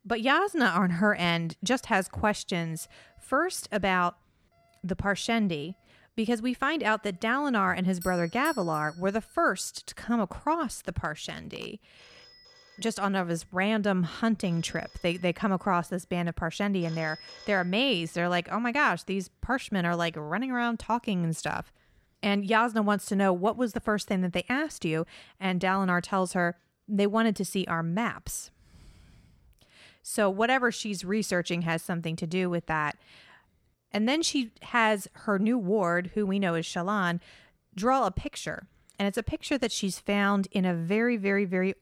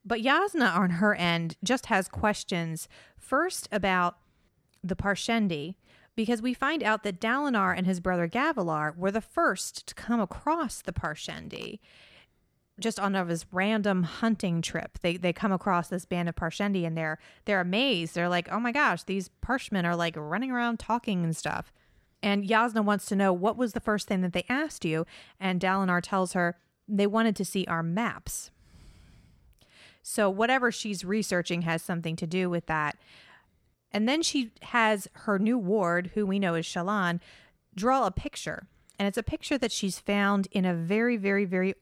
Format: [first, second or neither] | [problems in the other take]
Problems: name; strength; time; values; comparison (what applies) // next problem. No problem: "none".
second | alarms or sirens; faint; until 19 s; 20 dB below the speech